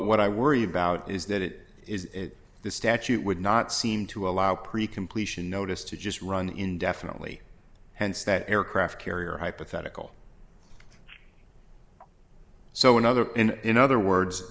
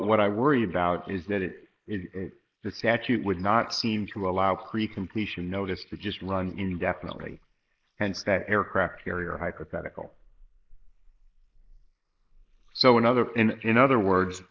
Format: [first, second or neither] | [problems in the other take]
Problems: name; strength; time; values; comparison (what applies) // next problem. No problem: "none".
first | noise reduction (neural mask model Resemble Enhance denoiser)